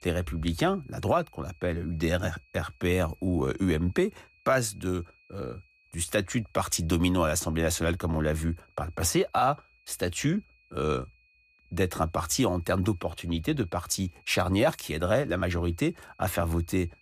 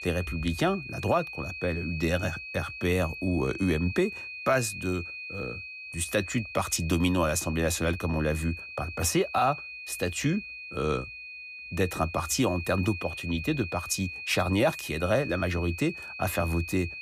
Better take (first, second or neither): first